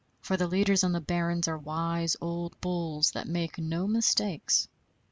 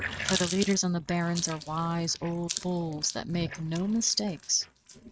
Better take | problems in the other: first | noise reduction (neural mask model RNNoise)

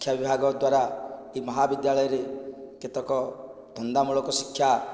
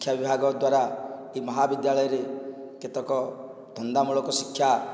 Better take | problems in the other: second | noise reduction (neural separator model SepFormer DNS4)

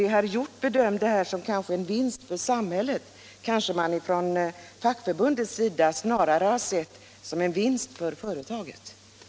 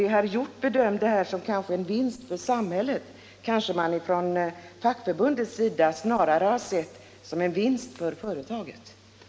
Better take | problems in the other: first | room echo; dies away in 1.3 s

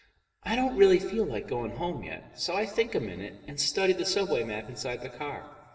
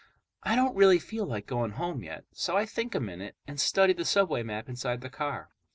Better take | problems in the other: second | room echo; dies away in 1.6 s

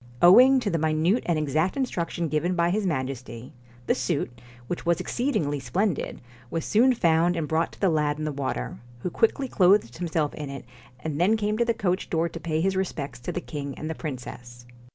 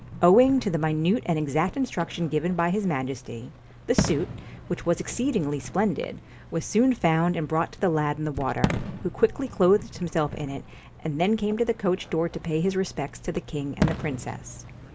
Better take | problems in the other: first | background sound (Fireworks); 10 dB below the speech

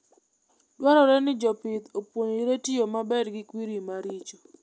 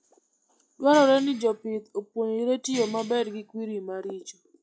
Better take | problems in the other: first | noise reduction (classical method log-MMSE)

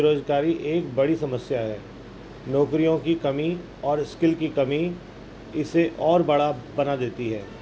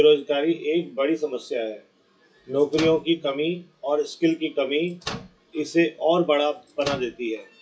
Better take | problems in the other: first | noise reduction (classical method WPE with log-MMSE)

